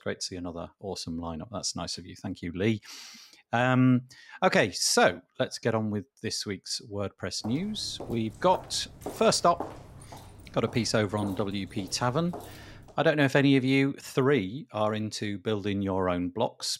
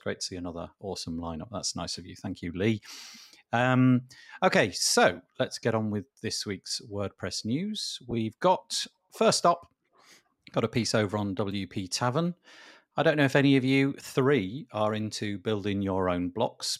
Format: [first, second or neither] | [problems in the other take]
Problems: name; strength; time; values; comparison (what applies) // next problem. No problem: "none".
second | footsteps; faint; from 7.5 to 13 s; peak 10 dB below the speech